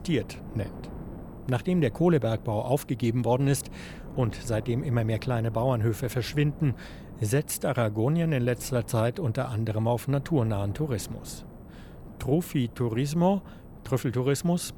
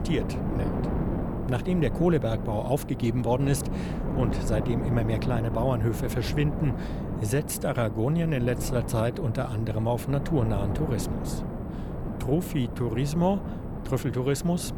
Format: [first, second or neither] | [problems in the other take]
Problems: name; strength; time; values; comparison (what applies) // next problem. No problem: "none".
first | wind noise on the microphone; heavy; 7 dB below the speech; occasional gusts in the first